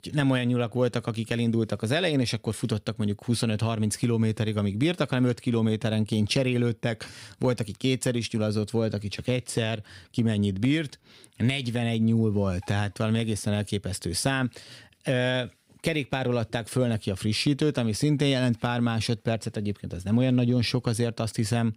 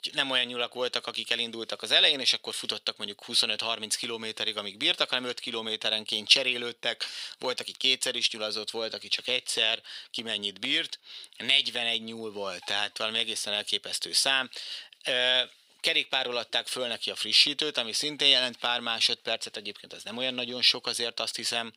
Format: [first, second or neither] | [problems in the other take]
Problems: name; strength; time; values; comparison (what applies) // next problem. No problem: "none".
first | thin; very; fading below 650 Hz